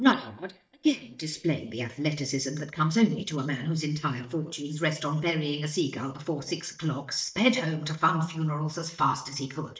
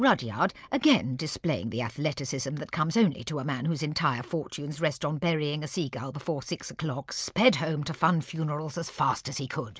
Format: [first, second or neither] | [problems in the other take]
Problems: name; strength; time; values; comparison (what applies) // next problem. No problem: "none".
second | noise reduction (neural mask model DeepFilterNet 3)